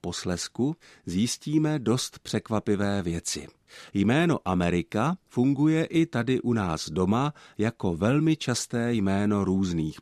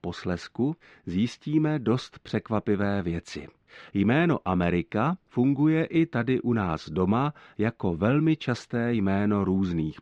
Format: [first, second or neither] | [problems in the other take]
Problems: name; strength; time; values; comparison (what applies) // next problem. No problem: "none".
first | muffled; slightly; fading above 2.5 kHz